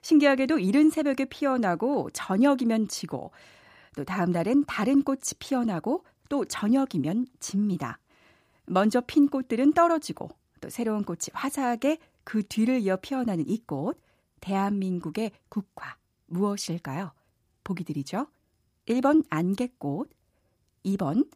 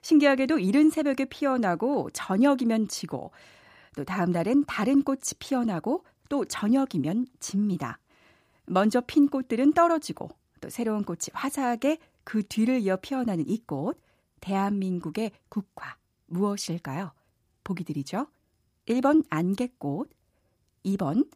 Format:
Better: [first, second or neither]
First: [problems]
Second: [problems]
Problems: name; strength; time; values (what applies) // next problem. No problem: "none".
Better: neither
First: none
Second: none